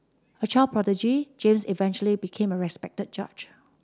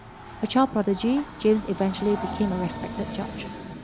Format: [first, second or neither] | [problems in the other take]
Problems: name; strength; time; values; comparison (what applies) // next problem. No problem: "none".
first | background sound (Train); 10 dB below the speech